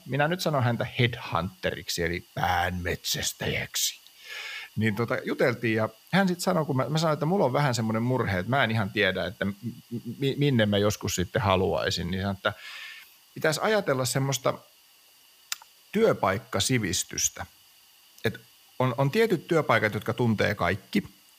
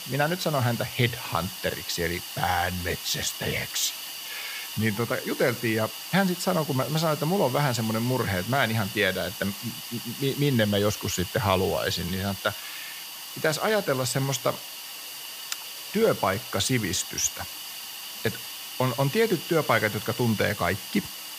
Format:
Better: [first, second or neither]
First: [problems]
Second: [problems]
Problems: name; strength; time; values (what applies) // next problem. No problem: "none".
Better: first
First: hiss; faint; throughout; 25 dB below the speech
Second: hiss; loud; throughout; 8 dB below the speech